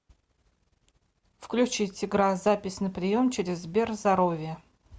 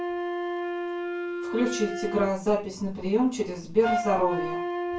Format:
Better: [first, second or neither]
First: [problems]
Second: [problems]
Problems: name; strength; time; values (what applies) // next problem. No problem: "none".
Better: first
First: none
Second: background sound (Wind instrument, woodwind instrument); 4 dB below the speech // room echo; dies away in 0.2 s